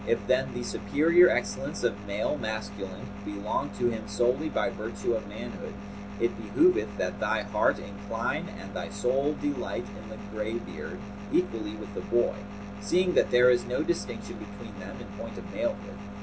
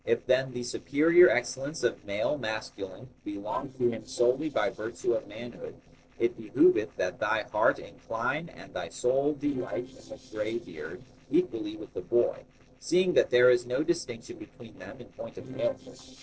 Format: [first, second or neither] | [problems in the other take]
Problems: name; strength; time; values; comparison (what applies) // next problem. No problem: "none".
first | noise reduction (neural separator model SepFormer DNS4)